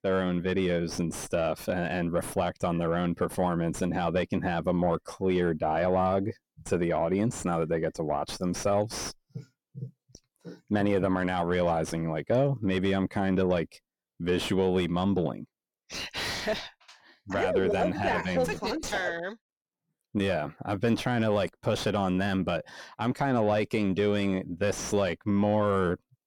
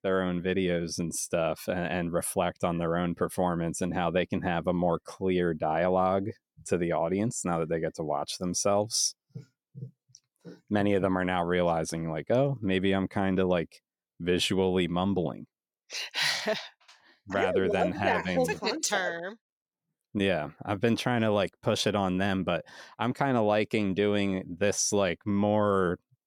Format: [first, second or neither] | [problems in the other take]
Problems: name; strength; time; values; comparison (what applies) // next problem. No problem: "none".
second | distortion; slight; 9 dB below the speech